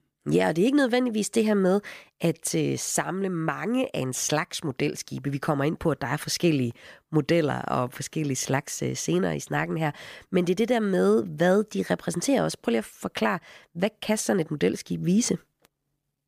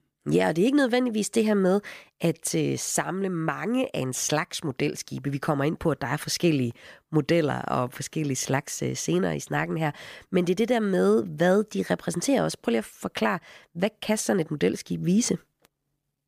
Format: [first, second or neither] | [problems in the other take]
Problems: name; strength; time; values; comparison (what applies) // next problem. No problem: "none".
neither | none